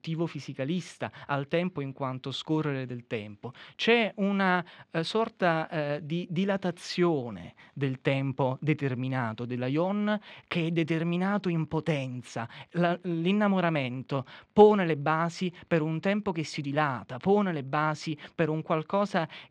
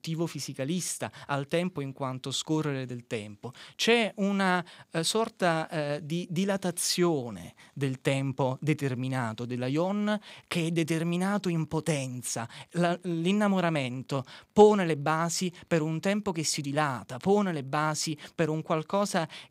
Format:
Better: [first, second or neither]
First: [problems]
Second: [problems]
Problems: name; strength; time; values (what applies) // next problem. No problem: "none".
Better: second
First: muffled; slightly; fading above 2.5 kHz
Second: none